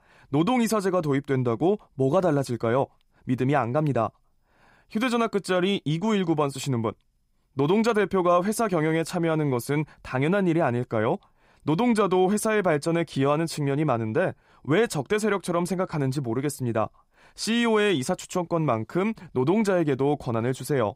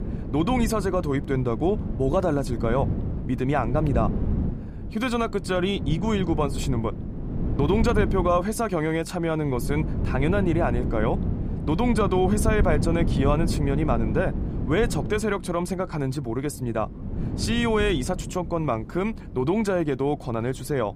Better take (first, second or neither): first